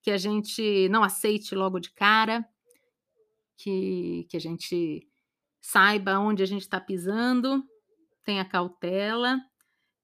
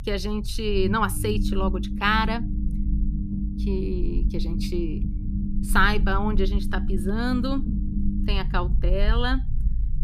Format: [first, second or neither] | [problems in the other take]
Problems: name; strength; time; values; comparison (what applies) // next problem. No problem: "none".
first | low rumble; noticeable; throughout; 15 dB below the speech